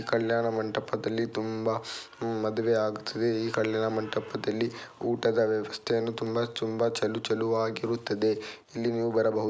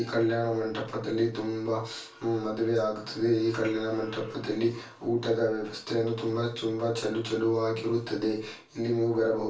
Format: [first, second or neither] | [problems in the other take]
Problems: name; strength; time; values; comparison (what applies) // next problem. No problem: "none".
first | room echo; dies away in 0.3 s